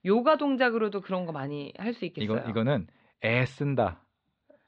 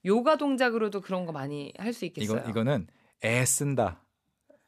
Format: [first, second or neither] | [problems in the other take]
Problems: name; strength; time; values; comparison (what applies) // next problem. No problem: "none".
second | muffled; very; fading above 4 kHz